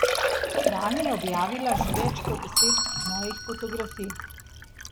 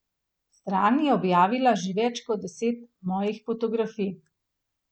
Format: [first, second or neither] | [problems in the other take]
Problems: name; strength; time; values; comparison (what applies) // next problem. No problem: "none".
second | background sound (Liquid + Doorbell); 5 dB above the speech